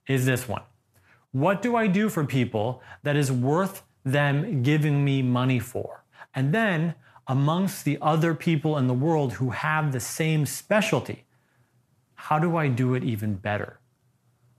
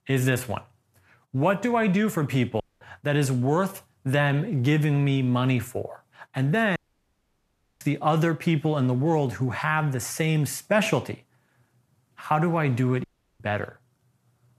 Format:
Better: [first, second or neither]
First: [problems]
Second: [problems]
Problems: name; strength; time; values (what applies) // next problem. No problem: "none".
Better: first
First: none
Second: audio cutting out; at 2.5 s, at 7 s for 1 s and at 13 s